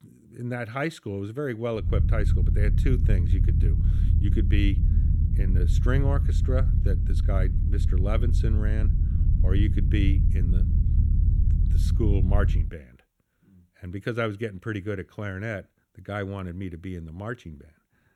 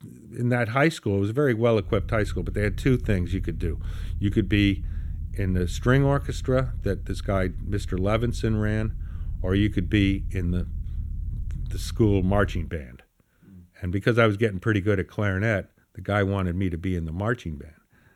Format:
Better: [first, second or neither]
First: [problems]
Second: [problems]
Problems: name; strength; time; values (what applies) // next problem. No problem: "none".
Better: second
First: low rumble; loud; from 2 to 13 s; 6 dB below the speech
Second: low rumble; faint; from 2 to 13 s; 25 dB below the speech